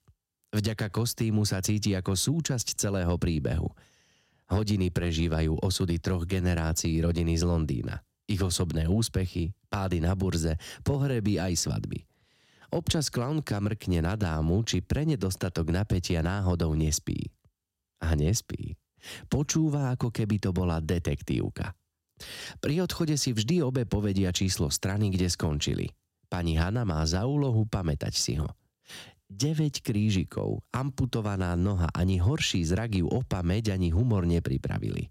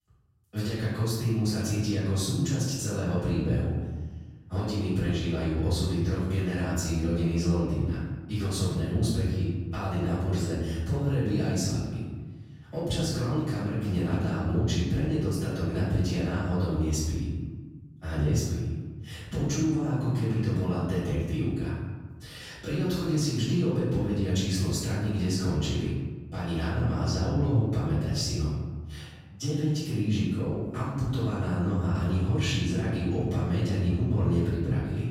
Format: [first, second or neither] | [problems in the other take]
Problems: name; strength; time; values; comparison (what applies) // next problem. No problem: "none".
first | off-mic speech; far // room echo; strong; dies away in 1.3 s